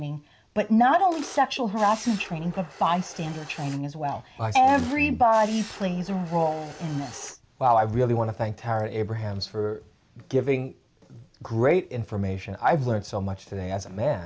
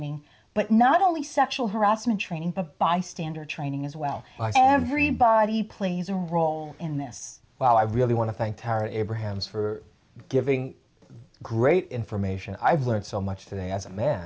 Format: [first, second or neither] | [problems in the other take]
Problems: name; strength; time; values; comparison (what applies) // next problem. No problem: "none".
second | background sound (Camera); 17 dB below the speech